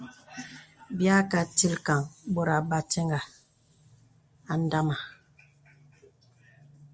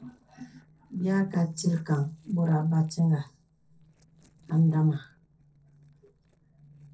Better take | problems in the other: first | noise reduction (neural separator model SepFormer DNS4)

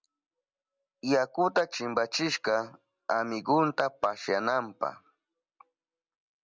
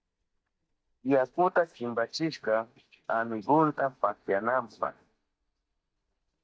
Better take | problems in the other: first | noise reduction (neural mask model DeepFilterNet 3)

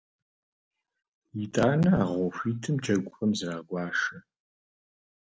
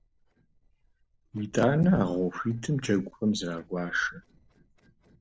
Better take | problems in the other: first | noise reduction (neural separator model SepFormer DNS4)

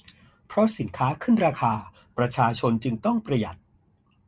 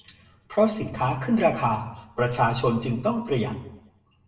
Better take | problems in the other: first | room echo; dies away in 0.7 s

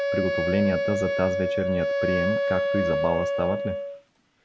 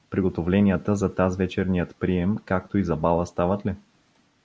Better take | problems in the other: second | background sound (Wind instrument, woodwind instrument); 2 dB above the speech

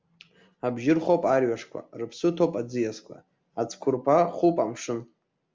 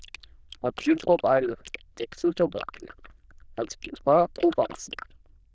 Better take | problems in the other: first | noise reduction (neural diffusion model UNIVERSE++)

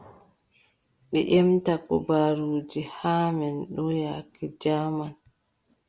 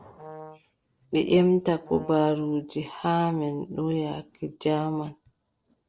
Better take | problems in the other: first | noise reduction (neural separator model SepFormer DNS4)

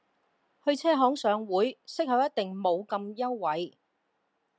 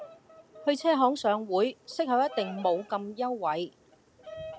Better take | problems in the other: first | background sound (Bird vocalization, bird call, bird song); 18 dB below the speech

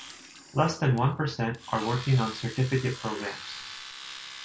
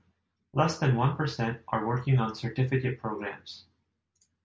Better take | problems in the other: second | background sound (Domestic sounds, home sounds); 14 dB below the speech

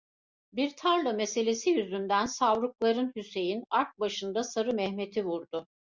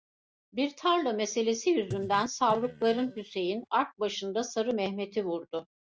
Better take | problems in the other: first | noise reduction (neural mask model RNNoise)

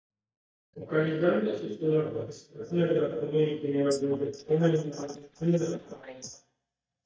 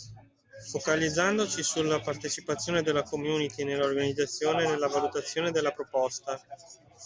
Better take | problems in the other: second | noise reduction (neural mask model DeepFilterNet 3)

